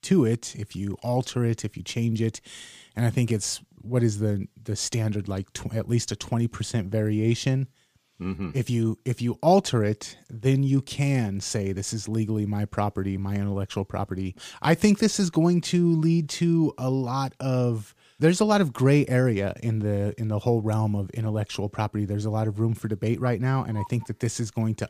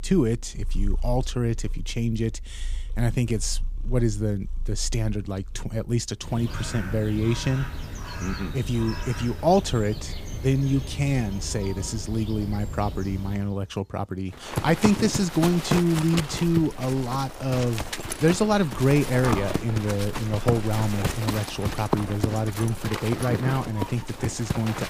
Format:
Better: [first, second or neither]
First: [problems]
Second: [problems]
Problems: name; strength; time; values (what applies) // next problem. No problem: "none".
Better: first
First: none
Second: animal sounds; loud; throughout; 7 dB below the speech